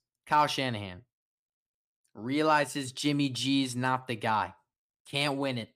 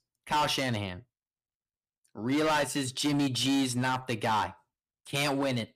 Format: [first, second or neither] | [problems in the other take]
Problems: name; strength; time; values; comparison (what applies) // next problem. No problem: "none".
first | distortion; heavy; 11% of the sound clipped